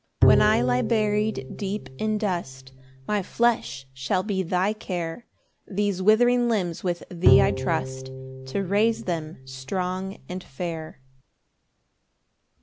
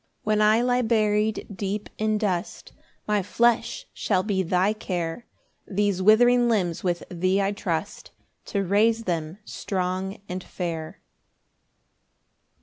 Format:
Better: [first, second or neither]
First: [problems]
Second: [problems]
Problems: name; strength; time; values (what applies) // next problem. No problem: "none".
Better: second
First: background sound (Bowed string instrument); 2 dB below the speech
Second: none